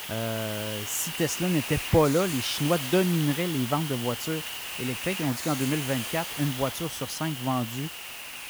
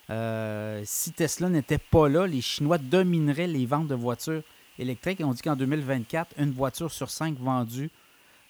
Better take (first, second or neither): second